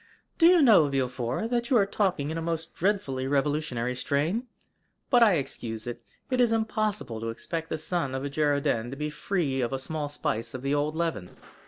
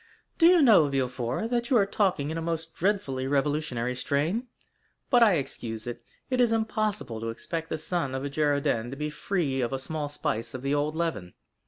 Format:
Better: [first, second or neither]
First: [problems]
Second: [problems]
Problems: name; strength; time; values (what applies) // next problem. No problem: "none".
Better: second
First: noise reduction (neural separator model SepFormer DNS4)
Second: none